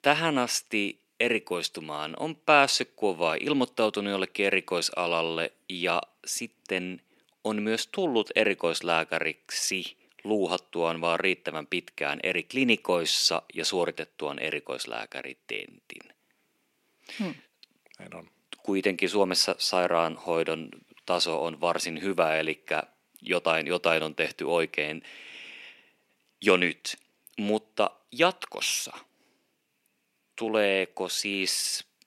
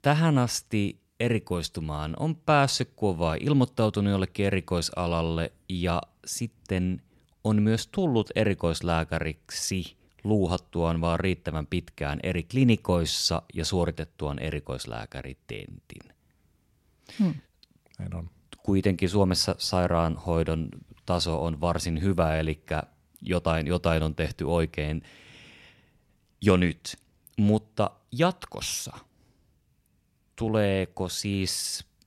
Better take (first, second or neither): second